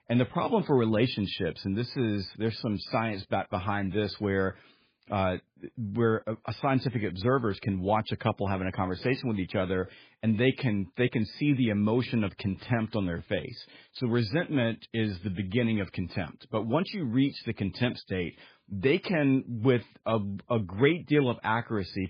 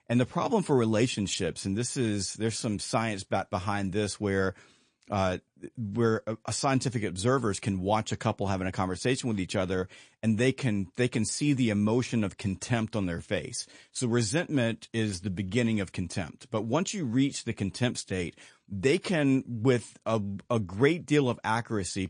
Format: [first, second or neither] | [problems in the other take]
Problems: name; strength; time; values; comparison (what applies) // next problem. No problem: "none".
second | garbled, watery; badly; slightly in the second